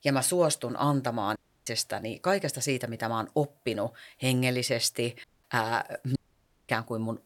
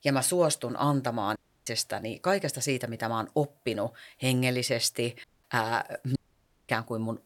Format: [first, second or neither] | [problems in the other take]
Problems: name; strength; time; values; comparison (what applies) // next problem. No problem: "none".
neither | audio cutting out; at 1.5 s, at 5 s and at 6 s for 0.5 s; the same in both